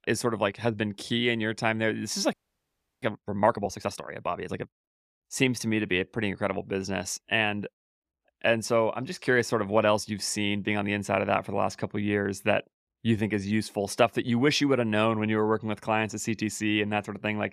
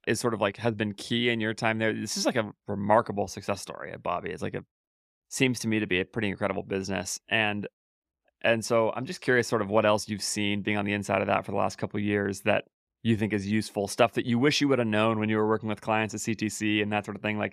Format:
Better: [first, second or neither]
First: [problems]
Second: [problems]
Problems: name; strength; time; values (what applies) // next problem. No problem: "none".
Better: second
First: audio freezing; at 2.5 s for 0.5 s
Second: none